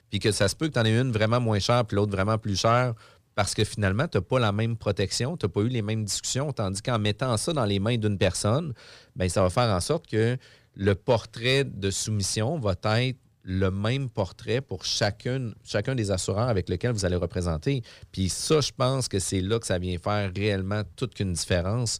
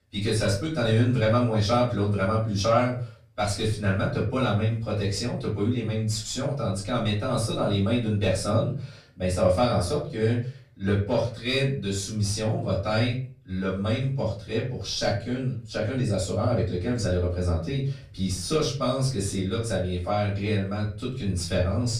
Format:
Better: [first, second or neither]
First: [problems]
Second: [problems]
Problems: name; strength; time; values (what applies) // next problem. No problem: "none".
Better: first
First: none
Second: off-mic speech; far // room echo; slight; dies away in 0.4 s